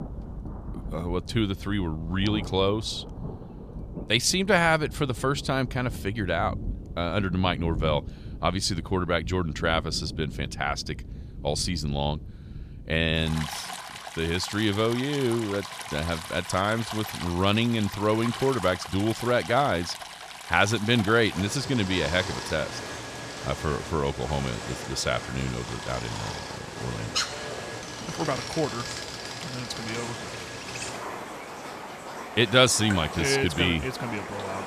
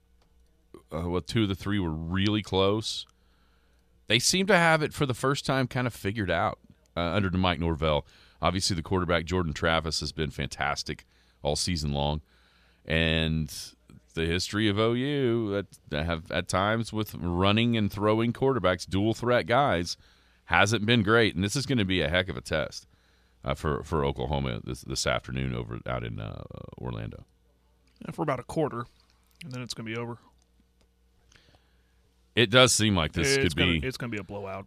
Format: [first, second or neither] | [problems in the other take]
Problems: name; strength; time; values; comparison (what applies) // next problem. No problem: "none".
second | rain or running water; loud; throughout; 10 dB below the speech